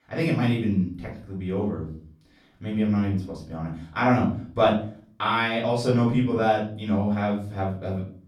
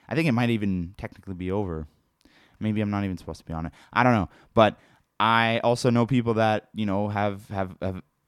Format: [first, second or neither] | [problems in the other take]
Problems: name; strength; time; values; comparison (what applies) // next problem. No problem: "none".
second | off-mic speech; far // room echo; noticeable; dies away in 0.5 s